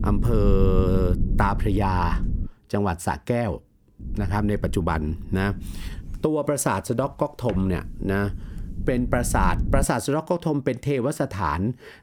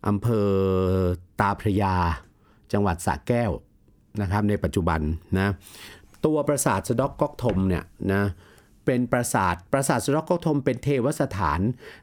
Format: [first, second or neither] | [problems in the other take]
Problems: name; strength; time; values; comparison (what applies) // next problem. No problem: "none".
second | low rumble; noticeable; until 2.5 s, from 4 to 6 s and from 7.5 to 10 s; 15 dB below the speech